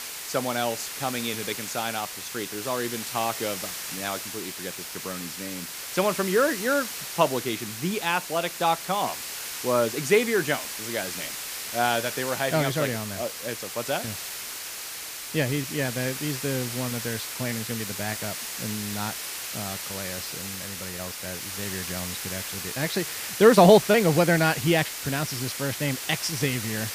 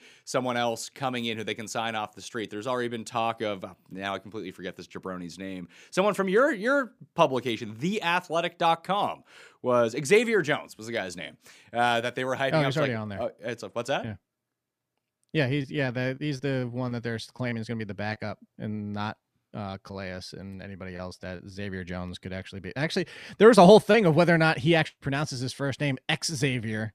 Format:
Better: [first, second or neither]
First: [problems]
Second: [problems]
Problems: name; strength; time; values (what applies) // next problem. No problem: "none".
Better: second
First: hiss; loud; throughout; 6 dB below the speech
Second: none